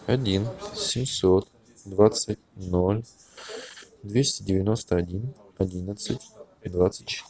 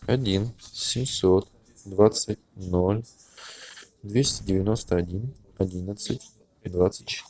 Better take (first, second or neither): first